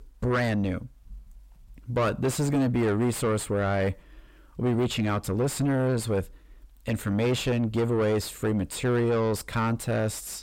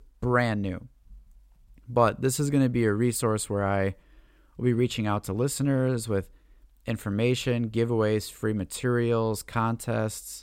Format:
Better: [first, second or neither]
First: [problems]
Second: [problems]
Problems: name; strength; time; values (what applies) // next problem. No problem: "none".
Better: second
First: distortion; heavy; 7 dB below the speech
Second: none